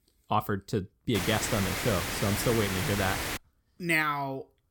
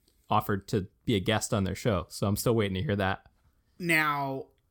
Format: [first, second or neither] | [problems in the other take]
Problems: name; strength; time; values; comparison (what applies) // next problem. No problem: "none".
second | hiss; loud; from 1 to 3.5 s; 2 dB below the speech